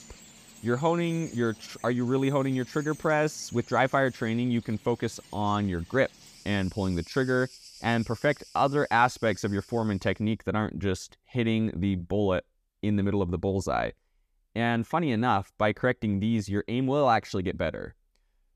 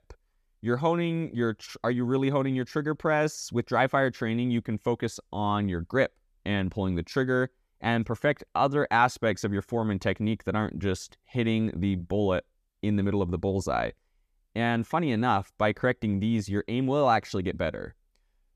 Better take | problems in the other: second | animal sounds; faint; until 10 s; 20 dB below the speech

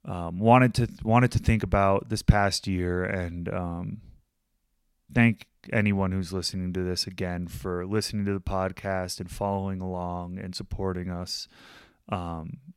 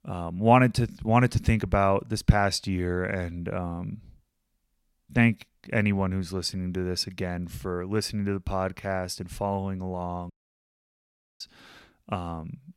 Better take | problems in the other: first | audio cutting out; at 10 s for 1 s

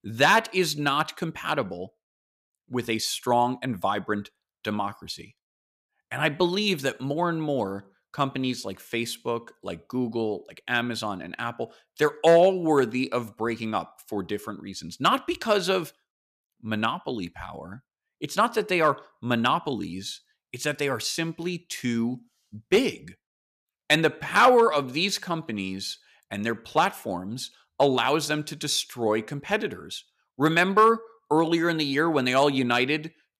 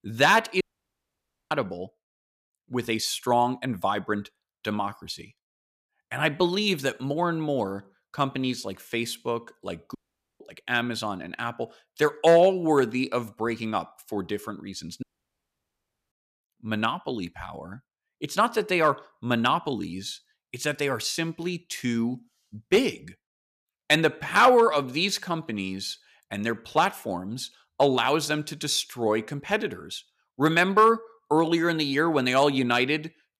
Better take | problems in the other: first | audio cutting out; at 0.5 s for 1 s, at 10 s and at 15 s for 1 s

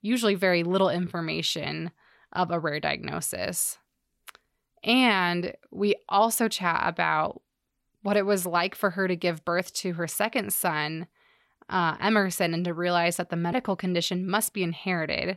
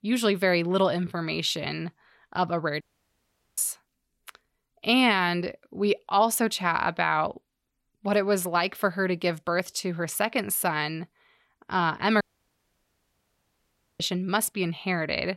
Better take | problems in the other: first | audio cutting out; at 3 s for 1 s and at 12 s for 2 s

